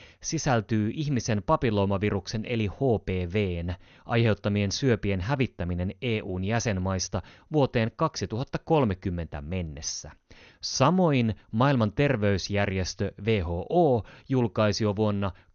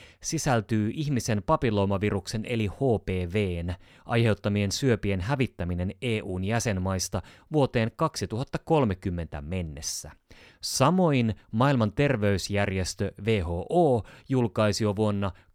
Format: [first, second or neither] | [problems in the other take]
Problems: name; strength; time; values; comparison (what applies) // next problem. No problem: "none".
second | garbled, watery; slightly; nothing above 6.5 kHz